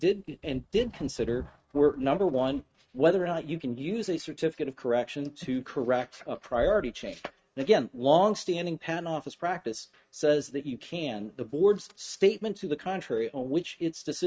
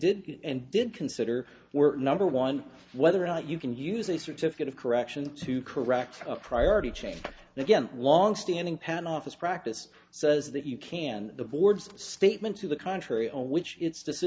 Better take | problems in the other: second | noise reduction (neural mask model RNNoise)

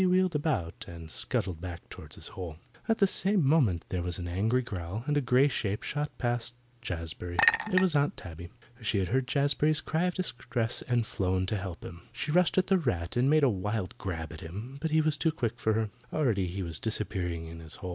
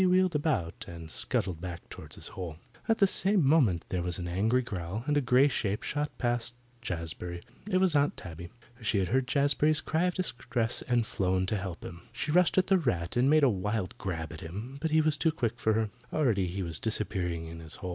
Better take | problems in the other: second | background sound (Chink, clink); 2 dB below the speech

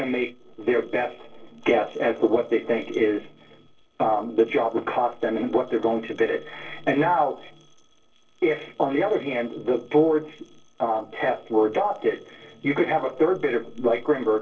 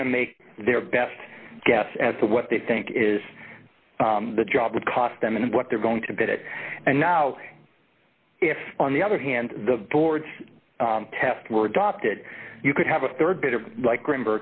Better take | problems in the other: second | noise reduction (neural separator model SepFormer DNS4)

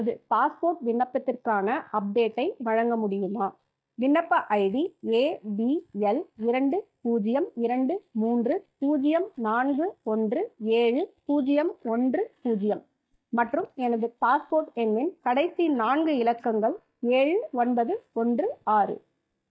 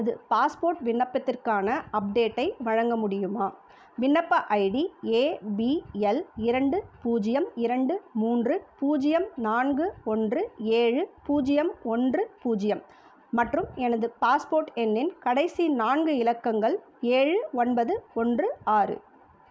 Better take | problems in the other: second | noise reduction (neural mask model DeepFilterNet 3)

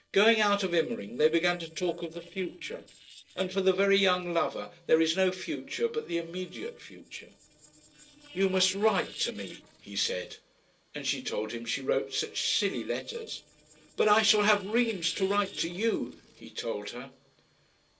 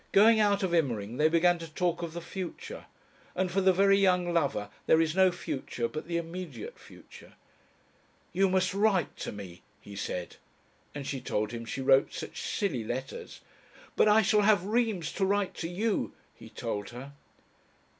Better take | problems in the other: second | noise reduction (neural separator model SepFormer DNS4)

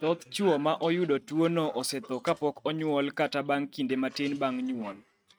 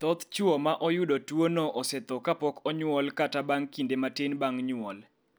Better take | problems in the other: second | noise reduction (neural mask model RNNoise)

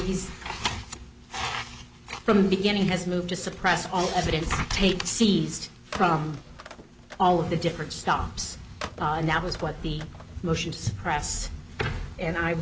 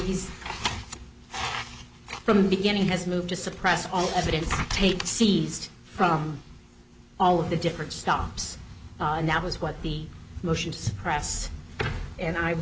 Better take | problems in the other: second | background sound (Telephone); 17 dB below the speech

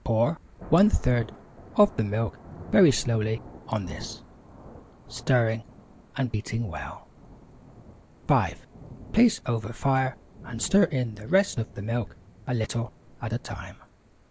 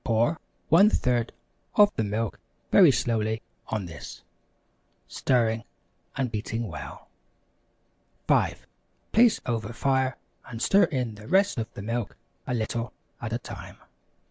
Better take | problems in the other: second | background sound (Thunder / Rain); 19 dB below the speech

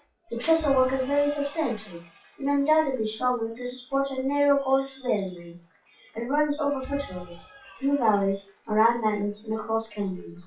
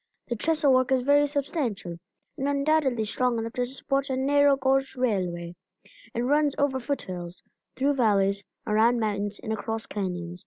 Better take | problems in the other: second | noise reduction (classical method WPE with log-MMSE)

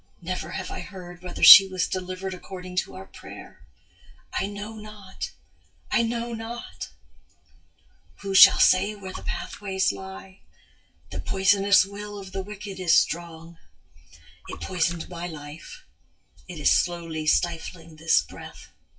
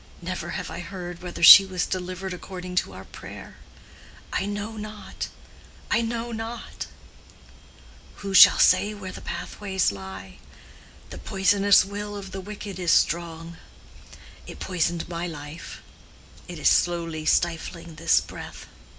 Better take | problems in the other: second | noise reduction (classical method WPE with log-MMSE)

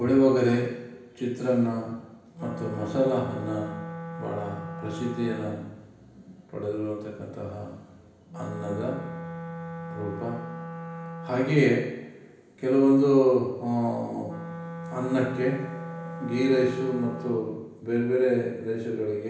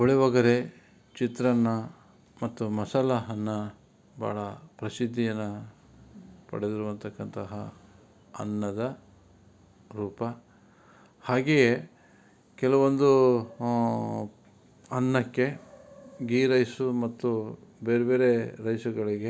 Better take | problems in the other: second | background sound (Wind instrument, woodwind instrument); 12 dB below the speech // room echo; dies away in 0.9 s

